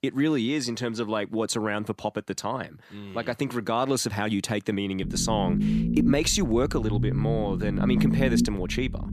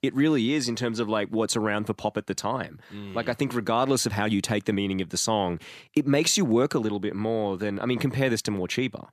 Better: second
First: low rumble; loud; from 5 s on; 5 dB below the speech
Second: none

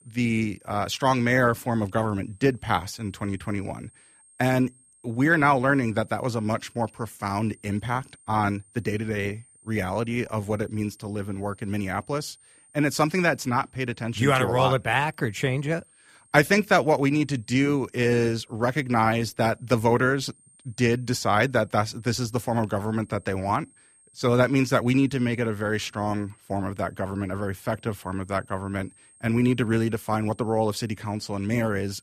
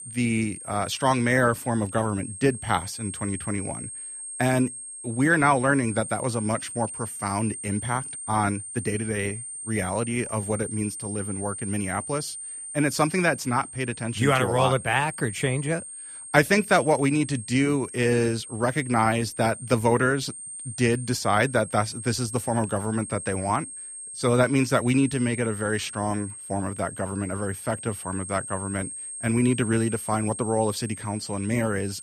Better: first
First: high-pitched whine; faint; throughout; 8.5 kHz, 30 dB below the speech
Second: high-pitched whine; loud; throughout; 8.5 kHz, 10 dB below the speech

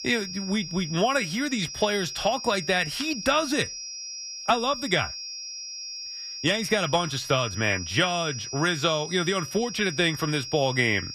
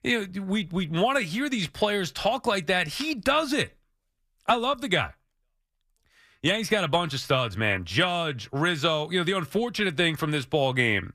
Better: second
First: high-pitched whine; loud; throughout; 5.5 kHz, 8 dB below the speech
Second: none

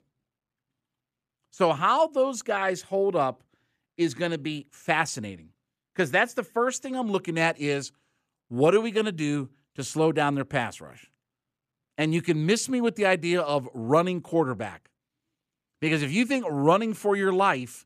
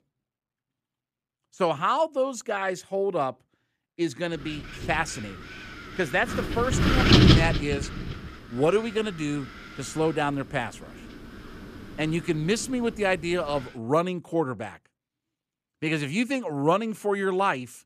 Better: first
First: none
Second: wind noise on the microphone; heavy; from 4.5 to 14 s; as loud as the speech

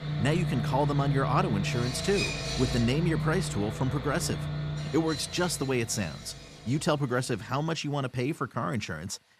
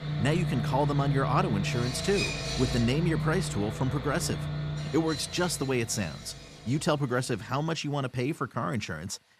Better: neither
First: machinery noise; loud; throughout; 3 dB below the speech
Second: machinery noise; loud; throughout; 3 dB below the speech

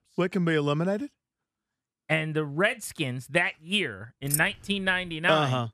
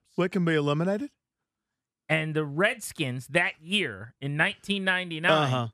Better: second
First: jangling keys; noticeable; at 4.5 s; peak 3 dB below the speech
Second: none

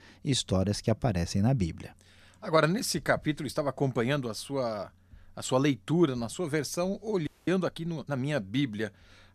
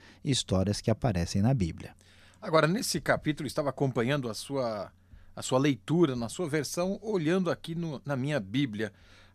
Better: second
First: audio freezing; at 7.5 s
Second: none

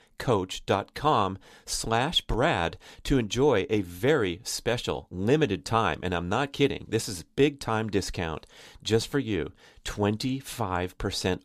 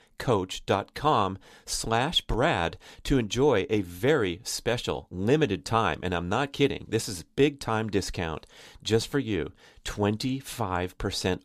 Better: neither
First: none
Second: none

